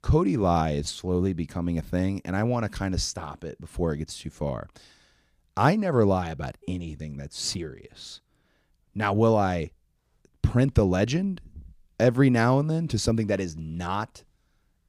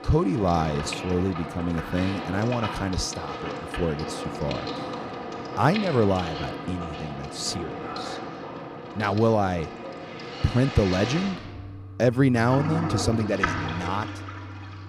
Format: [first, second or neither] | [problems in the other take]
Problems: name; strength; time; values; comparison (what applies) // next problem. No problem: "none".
first | household noises; loud; throughout; 7 dB below the speech